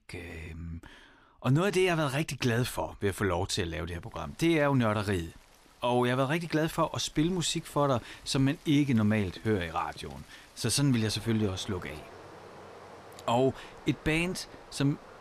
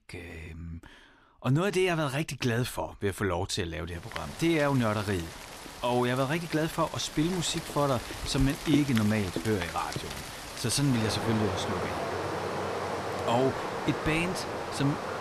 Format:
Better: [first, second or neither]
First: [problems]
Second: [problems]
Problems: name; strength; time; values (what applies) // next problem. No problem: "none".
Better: first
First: rain or running water; faint; from 4 s on; 20 dB below the speech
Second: rain or running water; loud; from 4 s on; 6 dB below the speech